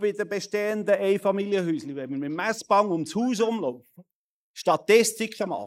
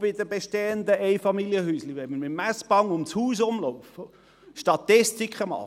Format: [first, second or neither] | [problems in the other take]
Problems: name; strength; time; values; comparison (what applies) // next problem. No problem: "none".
second | noise reduction (neural mask model Resemble Enhance denoiser)